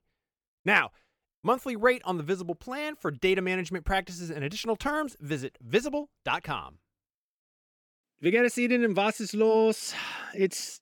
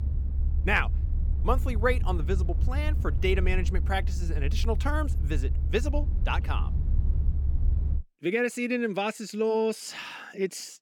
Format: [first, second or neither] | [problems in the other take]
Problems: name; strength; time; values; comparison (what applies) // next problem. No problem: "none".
first | low rumble; noticeable; until 8 s; 15 dB below the speech